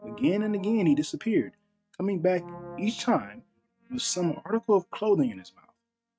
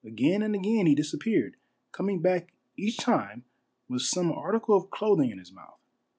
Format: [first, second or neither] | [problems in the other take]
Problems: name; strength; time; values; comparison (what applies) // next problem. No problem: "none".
second | noise reduction (neural mask model RNNoise)